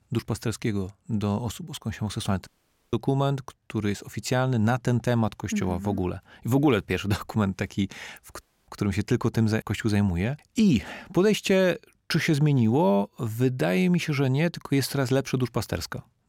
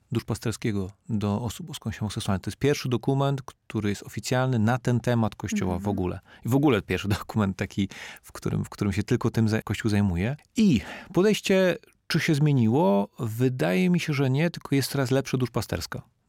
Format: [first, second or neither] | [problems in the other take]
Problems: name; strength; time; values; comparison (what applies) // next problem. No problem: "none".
second | audio cutting out; at 2.5 s and at 8.5 s